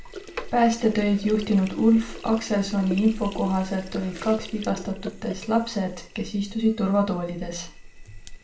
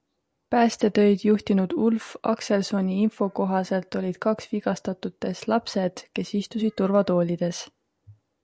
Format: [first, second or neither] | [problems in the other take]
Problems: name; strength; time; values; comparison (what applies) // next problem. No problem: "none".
second | background sound (Sink (filling or washing)); 13 dB below the speech // room echo; dies away in 0.3 s